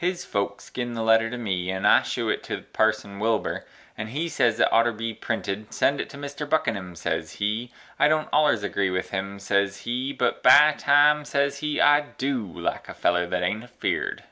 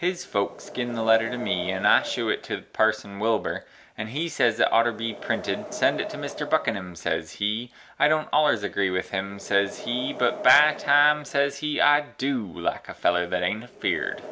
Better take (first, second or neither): first